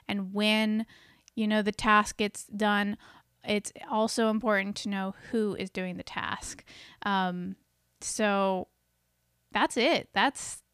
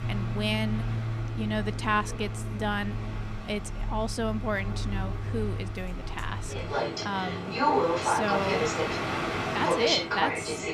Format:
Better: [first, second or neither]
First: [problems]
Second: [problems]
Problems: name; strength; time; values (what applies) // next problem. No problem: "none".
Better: first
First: none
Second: train or aircraft noise; very loud; throughout; 2 dB above the speech